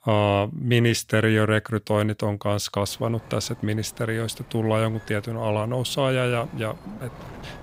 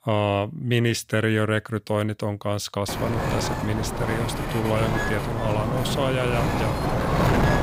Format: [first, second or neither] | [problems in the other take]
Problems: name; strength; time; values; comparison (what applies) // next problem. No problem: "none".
first | wind noise on the microphone; heavy; from 3 s on; as loud as the speech; occasional gusts in the first